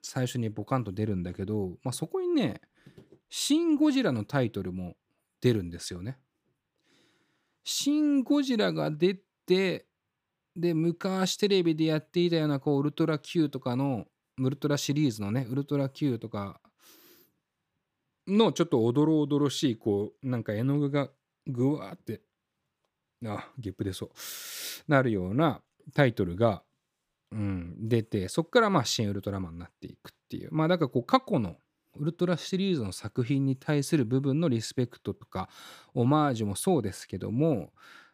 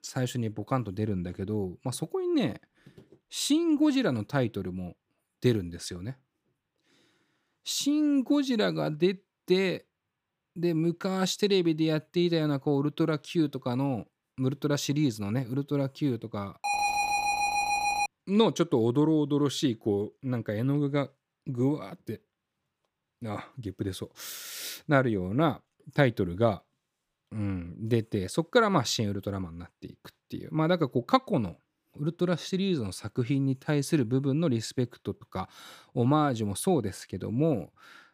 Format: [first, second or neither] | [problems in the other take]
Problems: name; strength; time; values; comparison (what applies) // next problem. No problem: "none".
first | alarm; loud; from 17 to 18 s; peak 2 dB above the speech